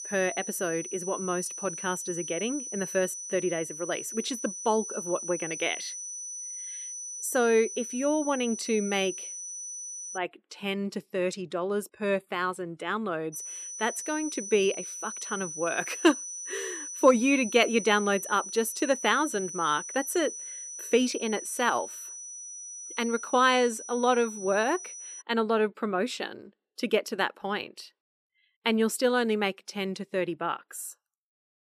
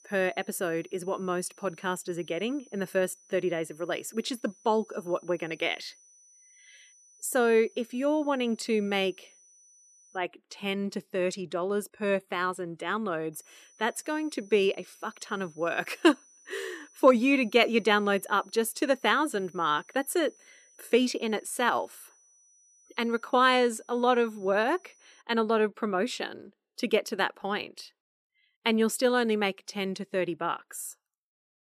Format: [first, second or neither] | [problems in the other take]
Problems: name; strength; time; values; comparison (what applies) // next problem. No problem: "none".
second | high-pitched whine; loud; until 10 s and from 13 to 25 s; 6 kHz, 8 dB below the speech; faint in the second